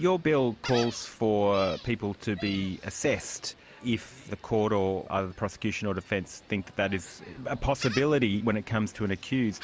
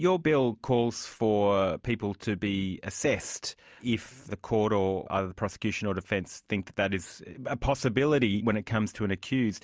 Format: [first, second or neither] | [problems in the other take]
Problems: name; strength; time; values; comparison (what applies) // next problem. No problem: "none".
second | background sound (Gull, seagull); 17 dB below the speech